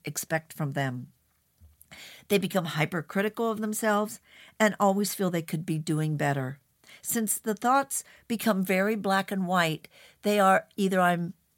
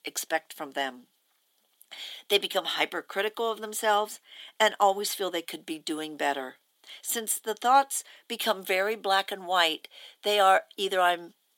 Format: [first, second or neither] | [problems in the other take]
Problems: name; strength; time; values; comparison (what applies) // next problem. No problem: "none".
first | thin; very; fading below 300 Hz